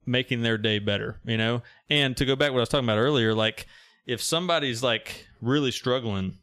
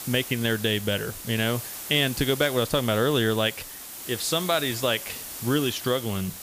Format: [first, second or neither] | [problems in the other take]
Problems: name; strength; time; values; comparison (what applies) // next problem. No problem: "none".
first | hiss; loud; throughout; 10 dB below the speech